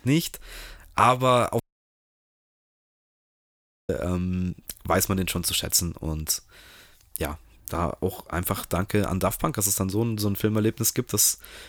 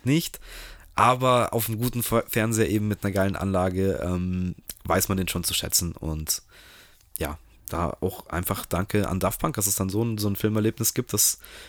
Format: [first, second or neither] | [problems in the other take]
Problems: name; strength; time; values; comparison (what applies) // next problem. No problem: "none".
second | audio cutting out; at 1.5 s for 2.5 s